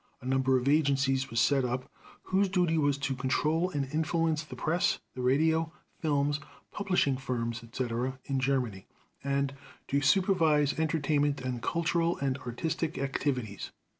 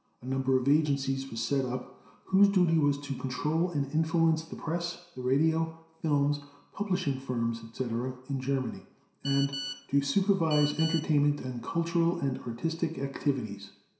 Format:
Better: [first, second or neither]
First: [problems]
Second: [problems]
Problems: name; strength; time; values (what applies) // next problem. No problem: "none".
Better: first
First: none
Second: background sound (Telephone); 11 dB below the speech // room echo; dies away in 0.7 s